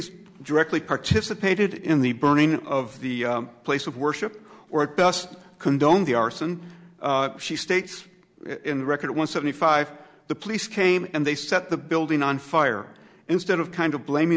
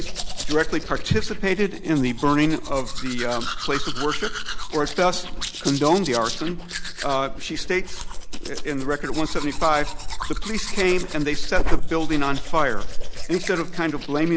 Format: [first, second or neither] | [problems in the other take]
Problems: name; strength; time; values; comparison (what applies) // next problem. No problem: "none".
first | background sound (Domestic sounds, home sounds); 1 dB above the speech